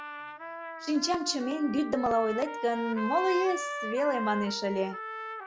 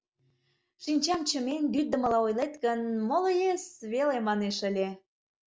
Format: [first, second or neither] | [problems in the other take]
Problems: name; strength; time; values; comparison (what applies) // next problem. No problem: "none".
second | background sound (Trumpet); 8 dB below the speech